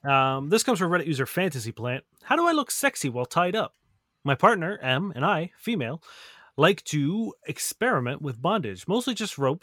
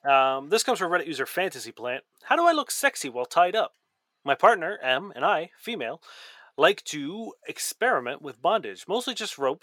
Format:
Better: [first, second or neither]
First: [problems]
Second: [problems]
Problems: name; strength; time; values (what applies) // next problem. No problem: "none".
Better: first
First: none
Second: thin; somewhat; fading below 400 Hz